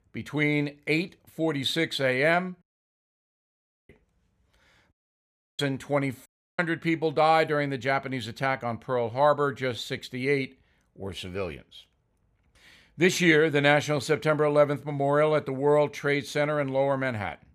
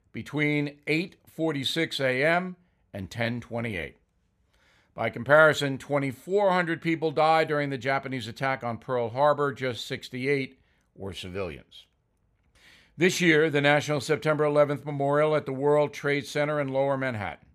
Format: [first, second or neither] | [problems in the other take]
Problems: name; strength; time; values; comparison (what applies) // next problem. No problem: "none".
second | audio cutting out; at 2.5 s for 1.5 s, at 5 s for 0.5 s and at 6.5 s